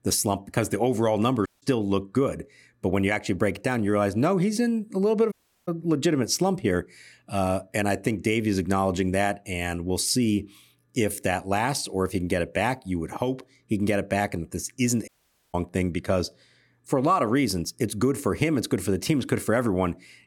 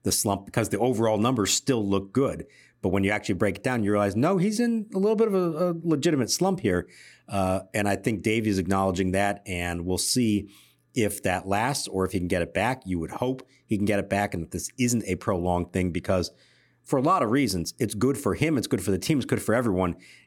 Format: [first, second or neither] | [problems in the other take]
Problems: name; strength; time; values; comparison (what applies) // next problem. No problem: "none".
second | audio cutting out; at 1.5 s, at 5.5 s and at 15 s